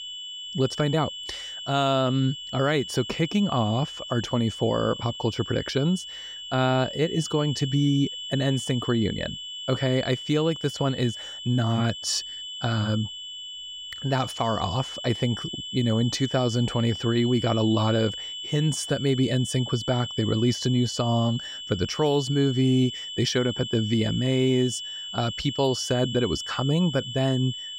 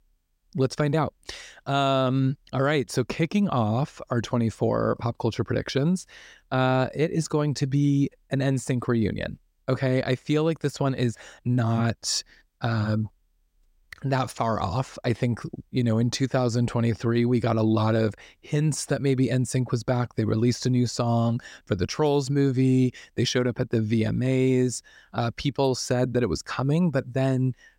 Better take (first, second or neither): second